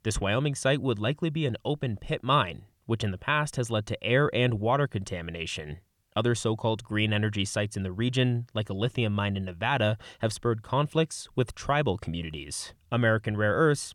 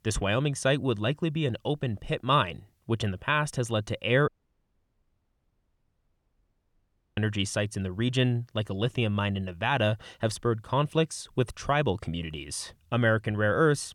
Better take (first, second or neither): first